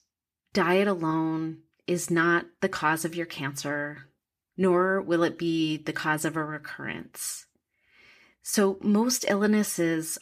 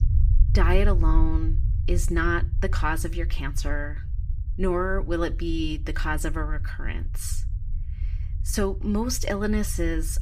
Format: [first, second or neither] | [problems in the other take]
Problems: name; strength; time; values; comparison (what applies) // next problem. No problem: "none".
first | low rumble; noticeable; throughout; 20 dB below the speech